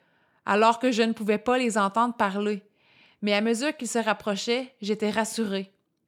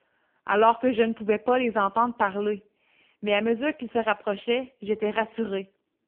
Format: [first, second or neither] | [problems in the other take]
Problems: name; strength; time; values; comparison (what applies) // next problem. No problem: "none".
first | phone-call audio; poor line; nothing above 3 kHz